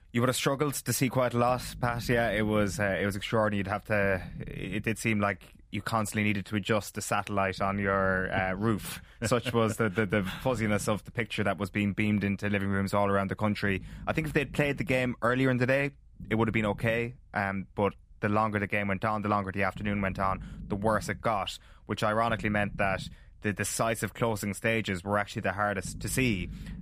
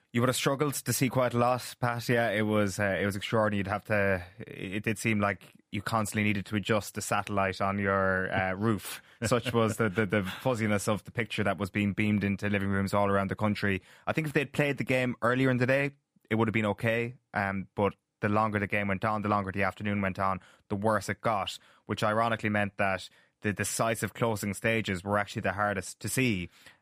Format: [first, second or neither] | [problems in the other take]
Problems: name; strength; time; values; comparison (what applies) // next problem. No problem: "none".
second | low rumble; faint; throughout; 25 dB below the speech